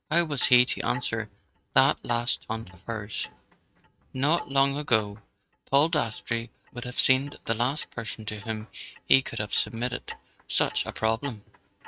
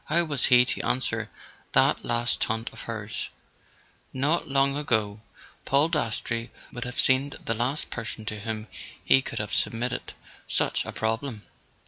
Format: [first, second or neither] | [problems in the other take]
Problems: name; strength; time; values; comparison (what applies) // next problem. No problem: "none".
second | noise reduction (neural mask model RNNoise)